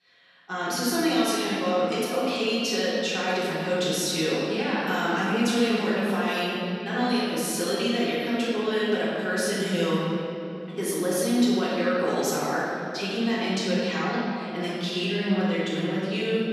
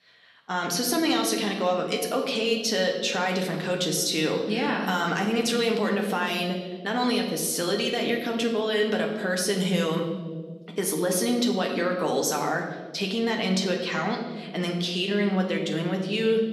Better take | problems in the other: second | room echo; strong; dies away in 2.5 s; slight in the second // off-mic speech; far; somewhat distant in the second

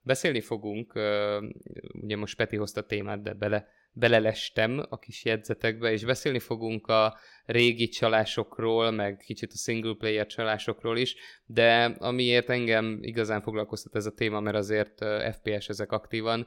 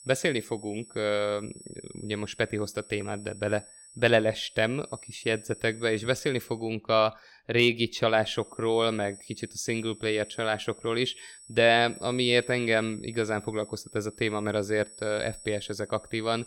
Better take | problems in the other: first | high-pitched whine; noticeable; until 6.5 s and from 8 s on; 8 kHz, 20 dB below the speech

